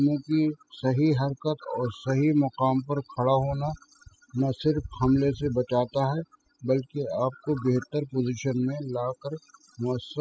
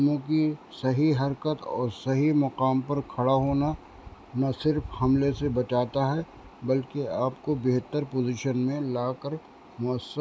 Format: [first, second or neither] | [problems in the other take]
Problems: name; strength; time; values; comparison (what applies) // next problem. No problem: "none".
second | noise reduction (classical method spectral subtraction)